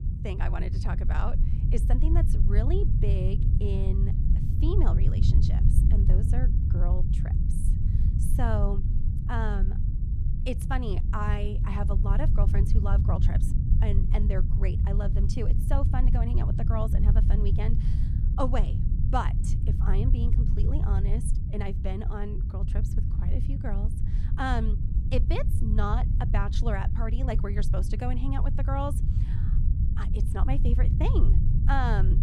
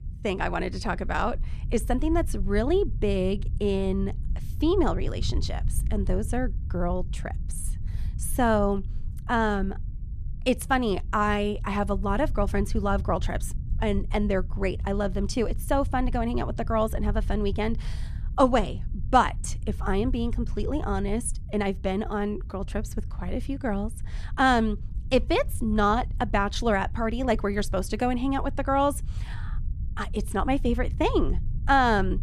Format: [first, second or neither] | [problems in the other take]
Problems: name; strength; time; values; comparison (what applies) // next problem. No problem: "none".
second | low rumble; loud; throughout; 6 dB below the speech; faint in the second